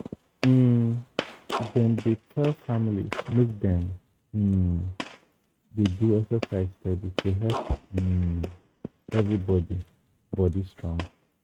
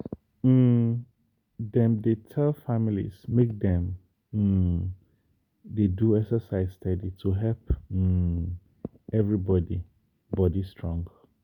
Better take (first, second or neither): second